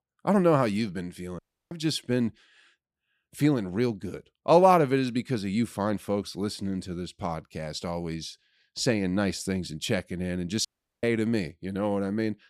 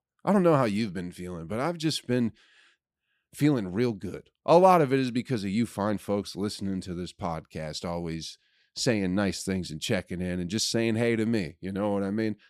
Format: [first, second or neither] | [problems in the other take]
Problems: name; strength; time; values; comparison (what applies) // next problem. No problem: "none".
second | audio cutting out; at 1.5 s and at 11 s